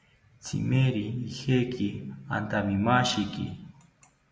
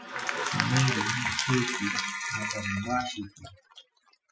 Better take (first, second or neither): first